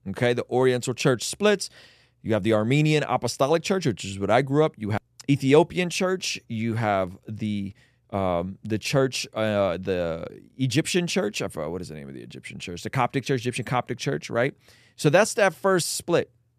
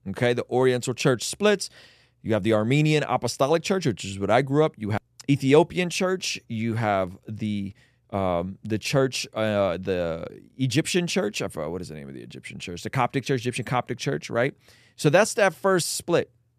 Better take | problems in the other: neither | none

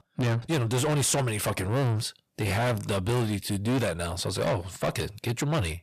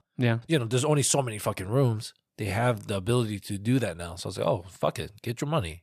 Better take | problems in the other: second | distortion; heavy; 6 dB below the speech

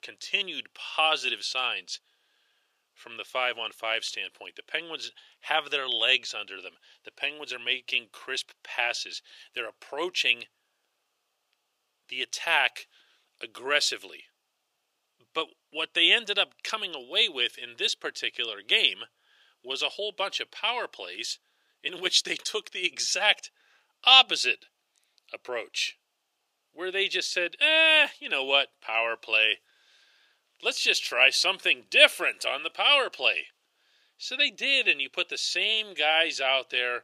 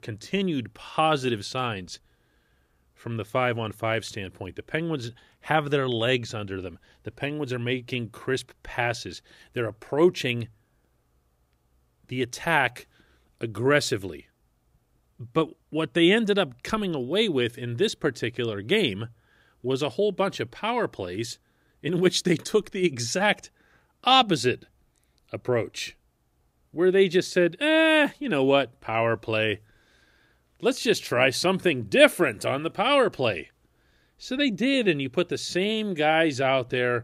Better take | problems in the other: second | thin; very; fading below 650 Hz

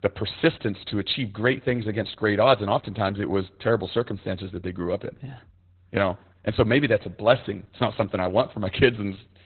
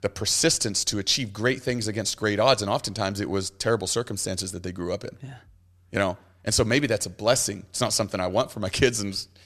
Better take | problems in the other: second | garbled, watery; badly; nothing above 4 kHz

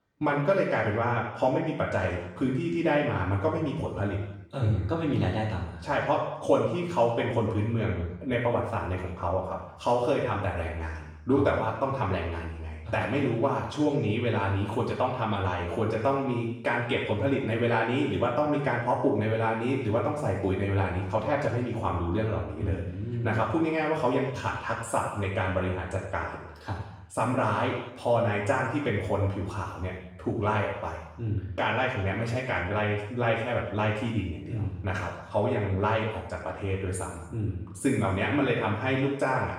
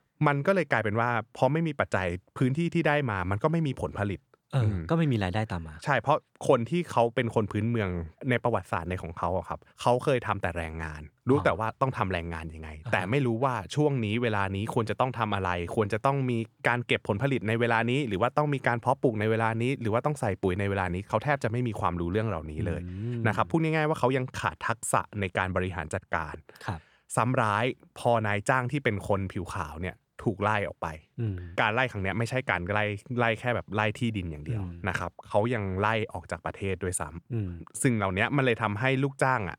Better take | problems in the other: second | room echo; noticeable; dies away in 0.9 s // off-mic speech; far

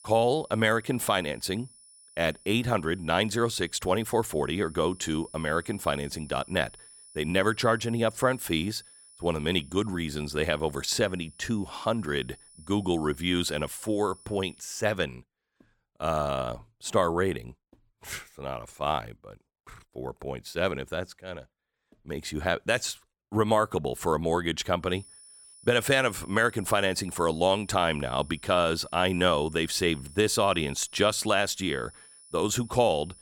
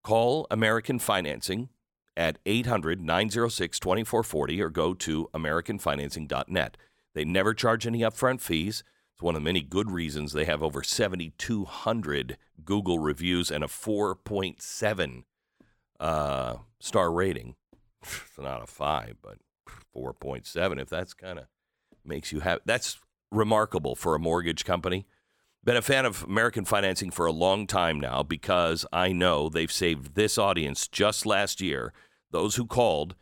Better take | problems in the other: second | high-pitched whine; faint; until 15 s and from 25 s on; 10 kHz, 25 dB below the speech

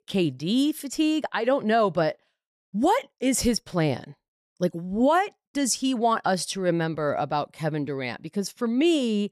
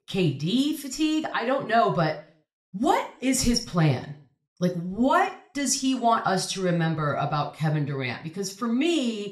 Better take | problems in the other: first | room echo; very slight; dies away in 0.3 s // off-mic speech; somewhat distant

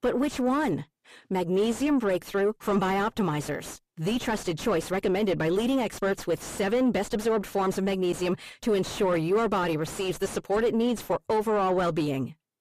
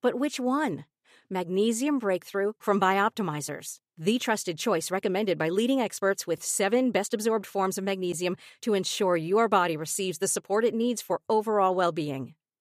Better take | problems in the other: second | distortion; heavy; 5 dB below the speech

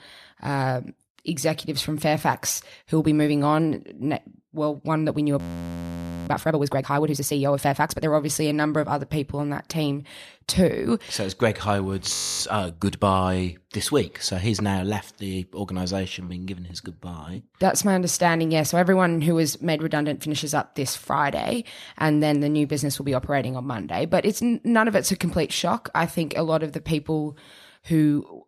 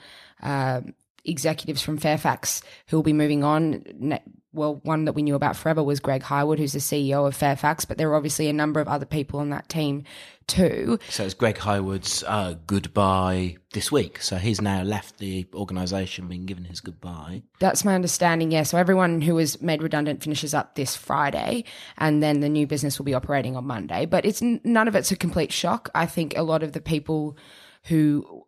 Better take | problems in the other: second | audio freezing; at 5.5 s for 1 s and at 12 s

